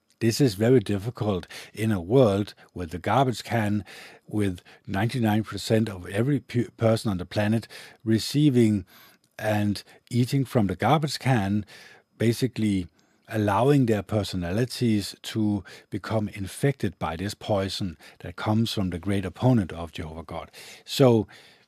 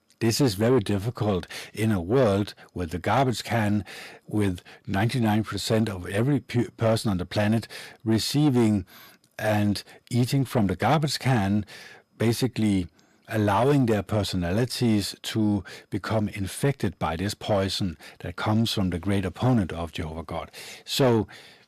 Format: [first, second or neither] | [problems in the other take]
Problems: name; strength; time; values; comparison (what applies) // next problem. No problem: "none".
first | distortion; slight; 10 dB below the speech